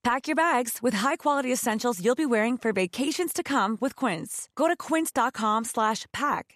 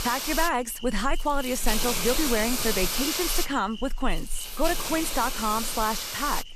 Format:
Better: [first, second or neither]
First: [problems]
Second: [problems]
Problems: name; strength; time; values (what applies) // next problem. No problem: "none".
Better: first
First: none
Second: hiss; loud; throughout; 1 dB below the speech